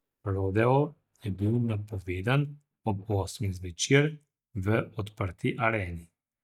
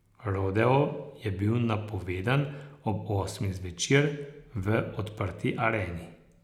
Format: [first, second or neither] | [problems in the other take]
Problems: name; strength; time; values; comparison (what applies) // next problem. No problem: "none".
second | noise reduction (neural mask model DeepFilterNet 3)